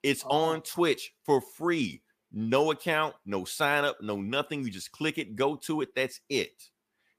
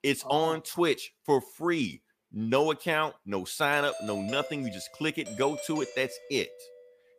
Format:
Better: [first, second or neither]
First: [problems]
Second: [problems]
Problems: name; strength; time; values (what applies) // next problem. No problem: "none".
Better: first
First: none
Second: doorbell; noticeable; from 3.5 s on; peak 9 dB below the speech